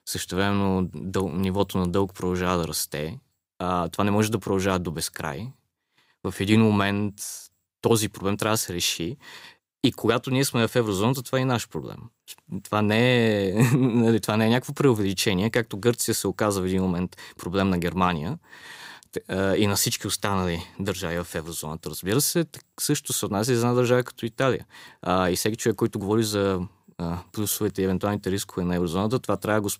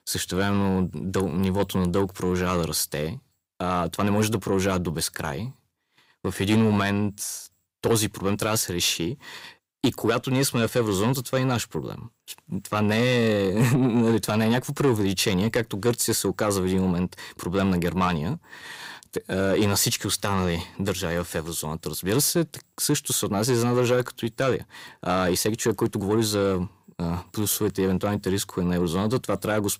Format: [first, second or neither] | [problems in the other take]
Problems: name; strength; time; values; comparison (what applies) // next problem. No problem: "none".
first | distortion; slight; 10 dB below the speech